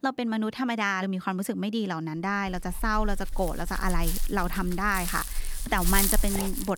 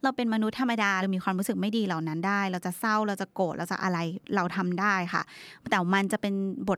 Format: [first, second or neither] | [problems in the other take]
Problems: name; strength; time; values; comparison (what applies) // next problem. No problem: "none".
second | dog barking; loud; from 2.5 s on; peak 5 dB above the speech